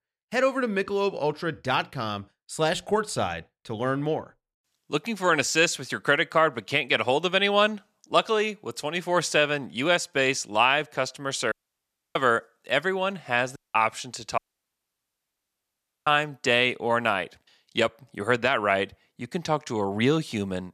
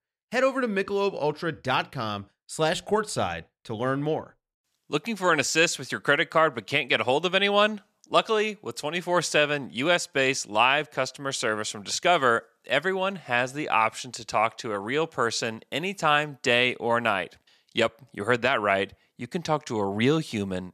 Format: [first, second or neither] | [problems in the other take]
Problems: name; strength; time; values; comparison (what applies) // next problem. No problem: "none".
second | audio cutting out; at 12 s for 0.5 s and at 14 s for 1.5 s